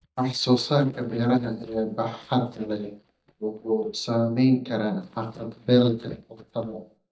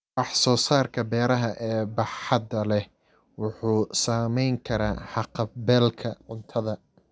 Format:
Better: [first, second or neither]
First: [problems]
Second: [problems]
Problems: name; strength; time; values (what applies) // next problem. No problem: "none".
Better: second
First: noise reduction (neural mask model DeepFilterNet 3)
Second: none